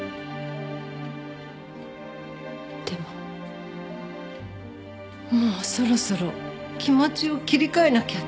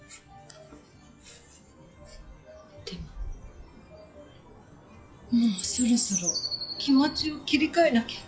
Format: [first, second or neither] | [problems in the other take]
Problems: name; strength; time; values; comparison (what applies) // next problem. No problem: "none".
first | noise reduction (classical method log-MMSE)